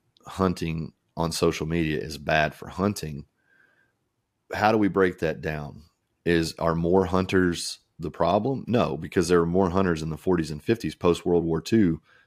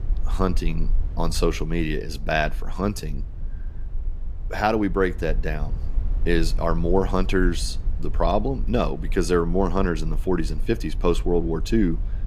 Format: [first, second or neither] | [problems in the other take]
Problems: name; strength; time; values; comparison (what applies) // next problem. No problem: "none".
first | low rumble; faint; throughout; 25 dB below the speech